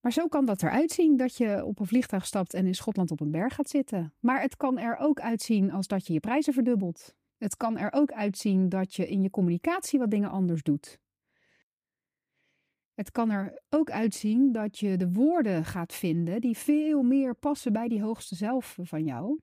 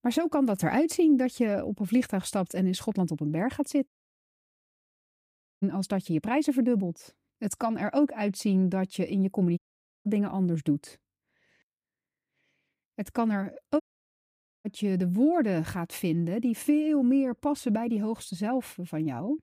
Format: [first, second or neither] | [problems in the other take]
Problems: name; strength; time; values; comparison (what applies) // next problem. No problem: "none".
first | audio cutting out; at 4 s for 1.5 s, at 9.5 s and at 14 s for 1 s